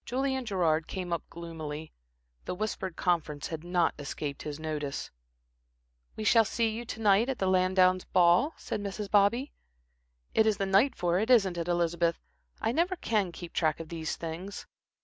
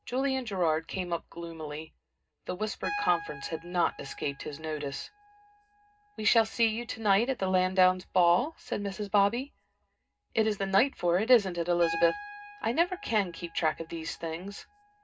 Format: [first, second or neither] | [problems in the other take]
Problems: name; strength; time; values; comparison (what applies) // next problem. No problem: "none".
first | background sound (Piano); 16 dB below the speech // room echo; dies away in 0.2 s